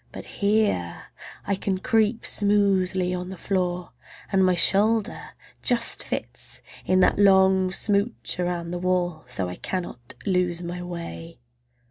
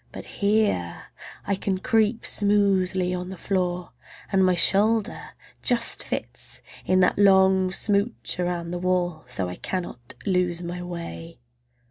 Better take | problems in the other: second | background sound (Knock); 14 dB below the speech

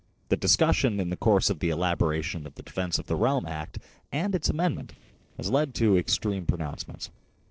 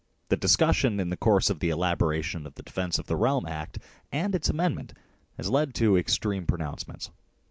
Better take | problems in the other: second | noise reduction (neural separator model SepFormer DNS4)

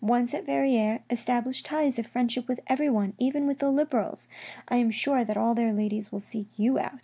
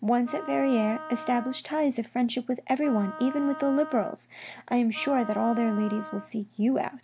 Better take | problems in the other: first | background sound (Wind instrument, woodwind instrument); 14 dB below the speech

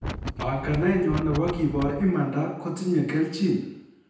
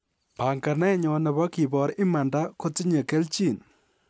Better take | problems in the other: second | background sound (Wind); 8 dB below the speech // room echo; dies away in 0.9 s

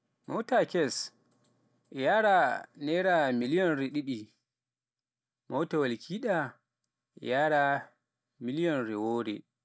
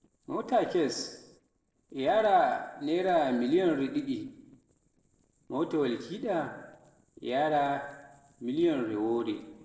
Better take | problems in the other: first | noise reduction (neural separator model SepFormer DNS4)

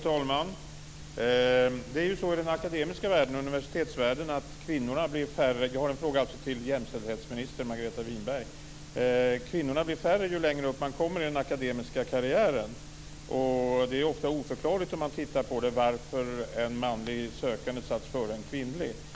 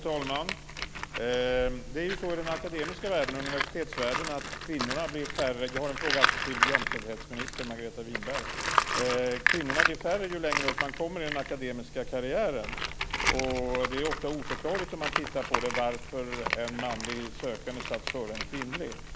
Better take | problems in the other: first | background sound (Tools); as loud as the speech

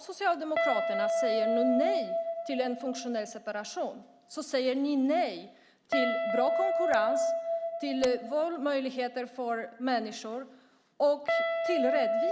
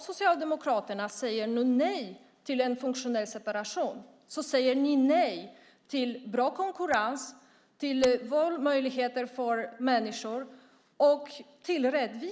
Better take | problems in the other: second | background sound (Guitar); as loud as the speech

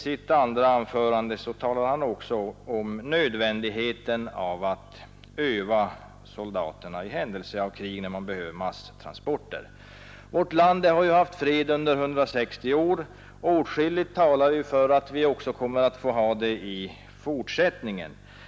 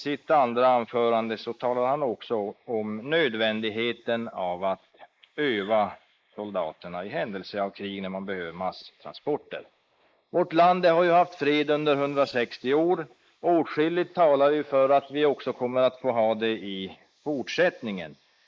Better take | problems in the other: first | noise reduction (neural mask model Resemble Enhance denoiser)

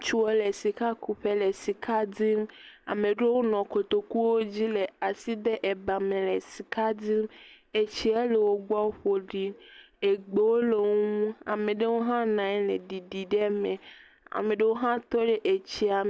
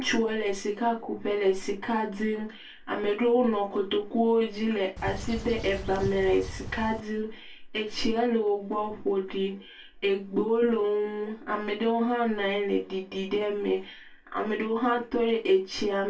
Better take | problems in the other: first | background sound (Bird); 9 dB below the speech // room echo; dies away in 0.2 s

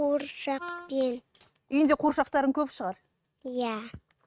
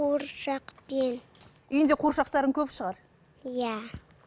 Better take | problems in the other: second | noise reduction (neural mask model RNNoise)

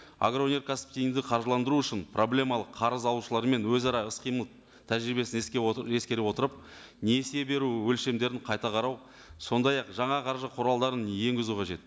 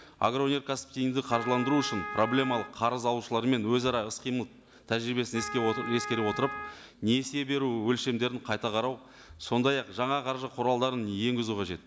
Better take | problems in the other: first | background sound (Wind instrument, woodwind instrument); 10 dB below the speech

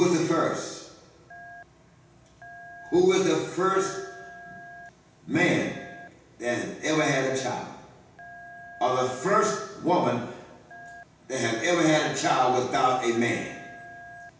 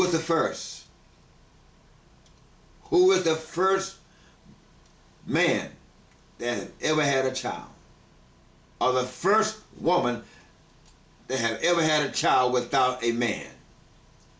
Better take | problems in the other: second | background sound (Telephone); 19 dB below the speech // room echo; dies away in 0.9 s

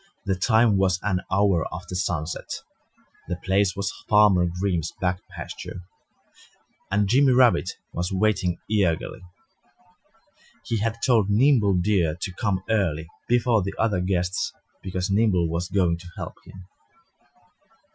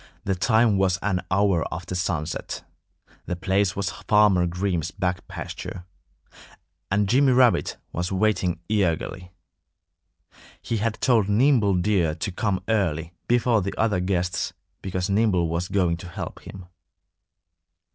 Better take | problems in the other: second | noise reduction (classical method Wiener filter)

